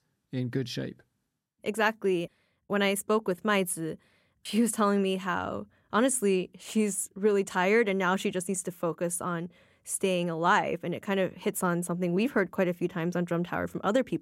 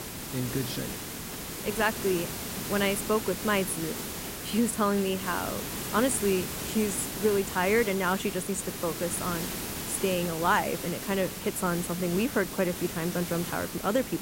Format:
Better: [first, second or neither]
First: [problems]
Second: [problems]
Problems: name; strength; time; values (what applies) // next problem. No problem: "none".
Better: first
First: none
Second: hiss; loud; throughout; 5 dB below the speech